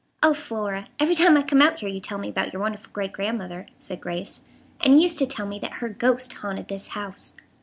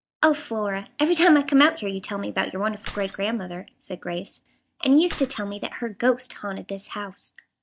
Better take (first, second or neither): first